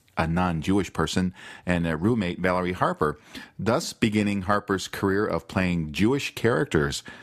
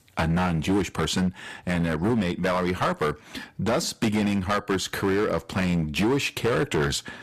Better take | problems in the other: first | distortion; heavy; 11% of the sound clipped

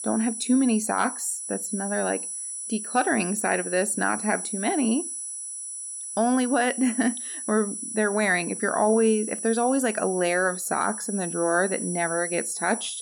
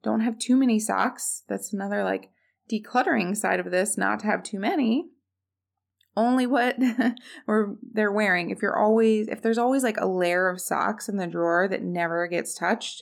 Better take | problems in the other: second | high-pitched whine; loud; throughout; 10 kHz, 6 dB below the speech

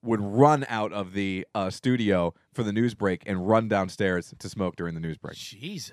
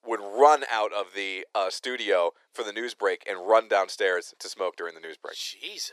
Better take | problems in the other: first | thin; very; fading below 400 Hz

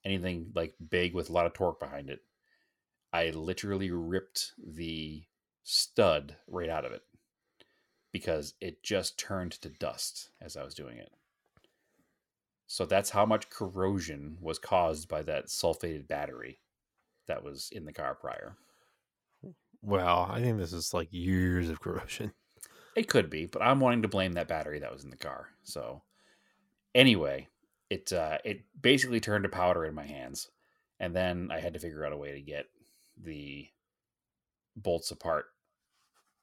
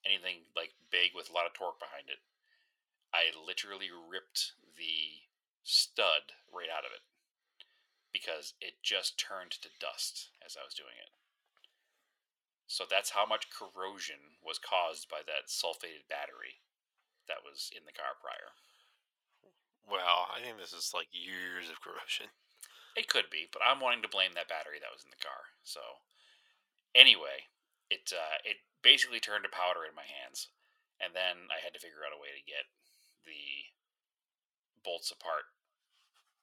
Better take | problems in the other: first | thin; very; fading below 850 Hz

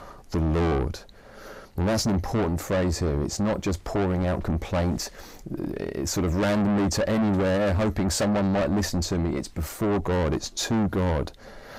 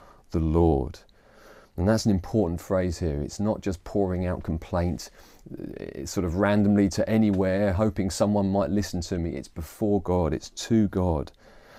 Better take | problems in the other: second | distortion; heavy; 6 dB below the speech

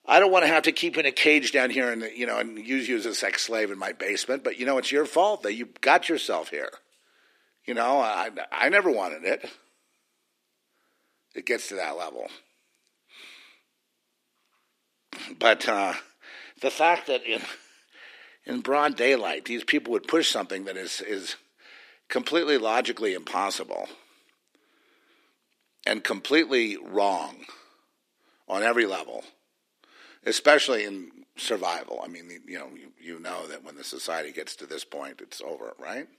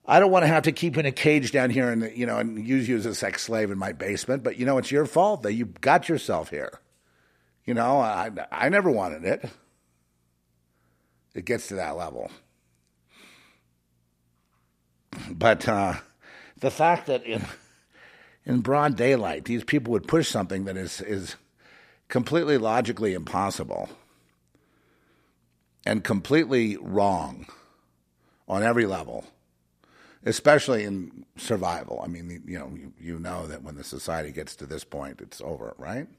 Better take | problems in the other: second | thin; very slightly; fading below 300 Hz

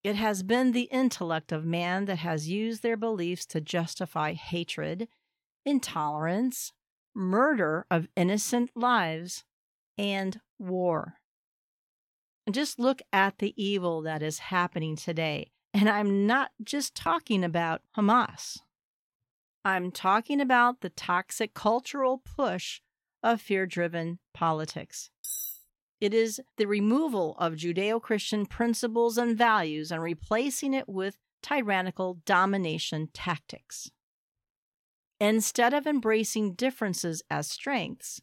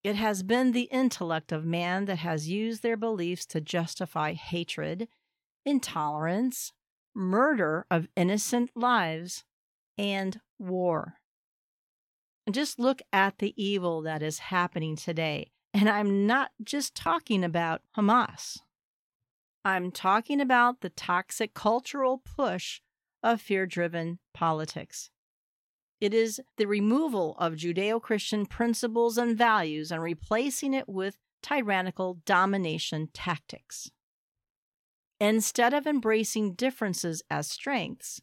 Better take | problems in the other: second | clattering dishes; noticeable; at 25 s; peak 5 dB below the speech

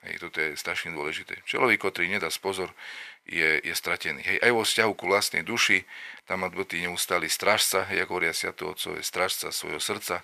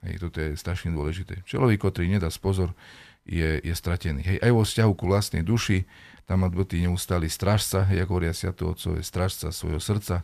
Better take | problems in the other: second | thin; very; fading below 500 Hz

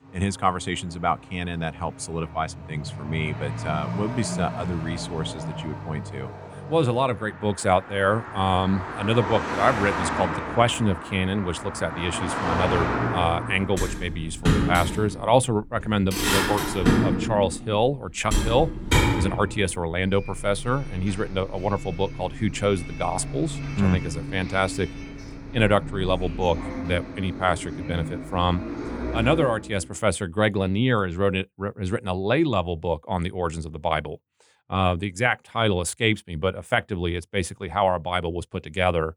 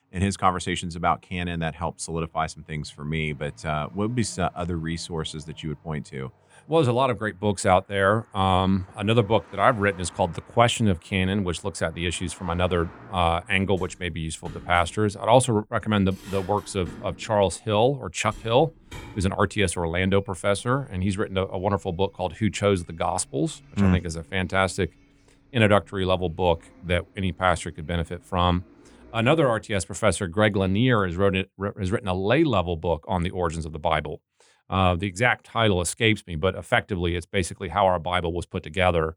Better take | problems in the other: second | traffic noise; loud; until 29 s; 4 dB below the speech; faint in the second

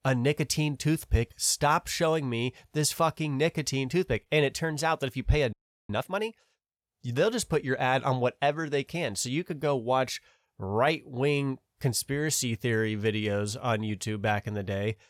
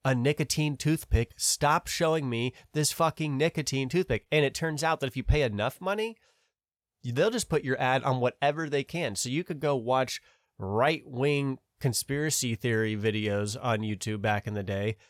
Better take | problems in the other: second | audio freezing; at 5.5 s

